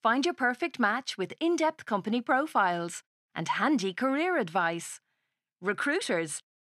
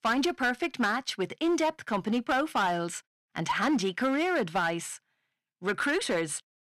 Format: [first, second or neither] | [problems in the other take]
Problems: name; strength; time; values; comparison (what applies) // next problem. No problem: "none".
first | distortion; slight; 9% of the sound clipped